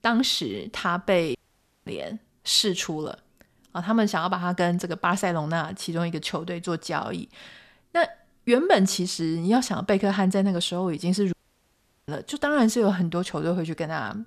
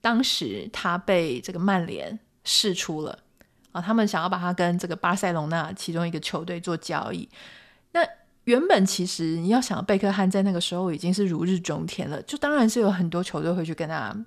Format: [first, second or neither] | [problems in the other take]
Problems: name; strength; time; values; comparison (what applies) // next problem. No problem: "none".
second | audio cutting out; at 1.5 s for 0.5 s and at 11 s for 1 s